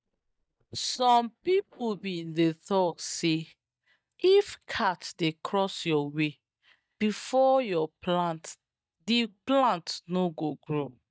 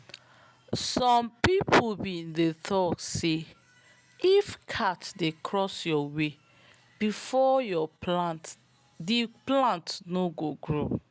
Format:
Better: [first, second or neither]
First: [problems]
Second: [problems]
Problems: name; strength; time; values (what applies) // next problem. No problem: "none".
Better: second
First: noise reduction (neural mask model DeepFilterNet 3)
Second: none